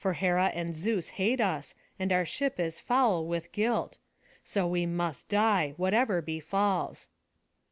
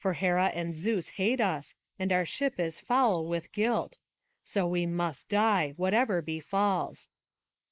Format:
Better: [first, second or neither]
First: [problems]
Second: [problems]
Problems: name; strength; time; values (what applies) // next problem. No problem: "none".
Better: first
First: none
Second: noise reduction (neural mask model Resemble Enhance denoiser)